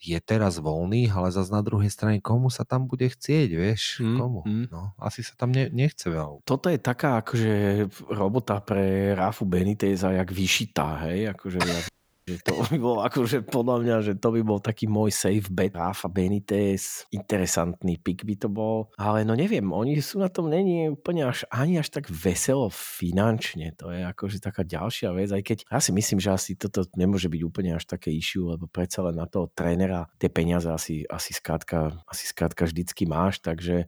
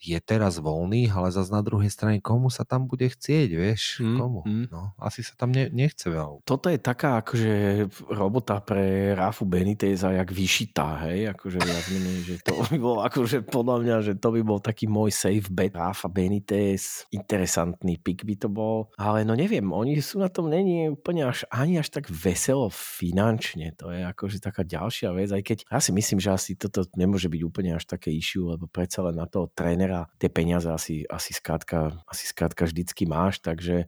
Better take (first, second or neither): second